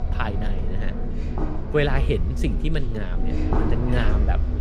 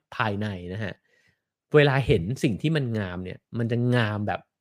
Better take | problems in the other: second | household noises; very loud; throughout; 2 dB above the speech

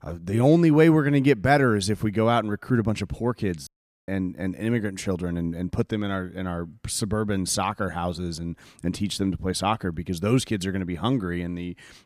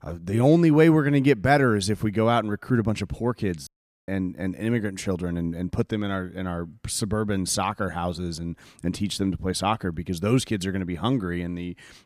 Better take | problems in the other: neither | audio cutting out; at 3.5 s; the same in both

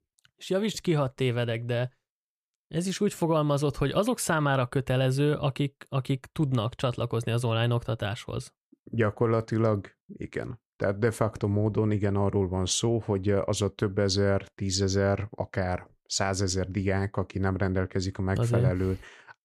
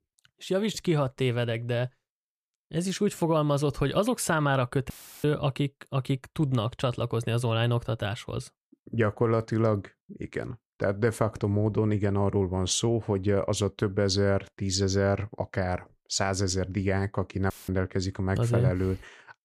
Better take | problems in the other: first | audio cutting out; filled with static; at 5 s and at 18 s

